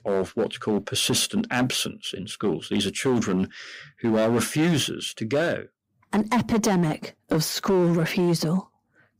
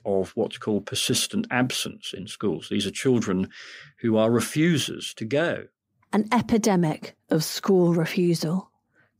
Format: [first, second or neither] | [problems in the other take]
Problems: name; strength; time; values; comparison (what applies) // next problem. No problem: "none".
second | distortion; slight; 8% of the sound clipped